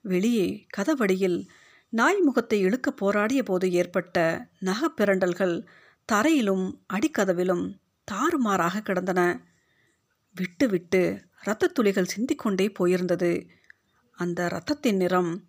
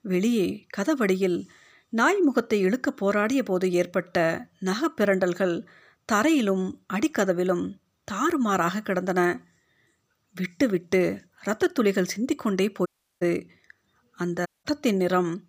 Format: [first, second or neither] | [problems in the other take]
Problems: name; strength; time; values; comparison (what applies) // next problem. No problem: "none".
first | audio cutting out; at 13 s and at 14 s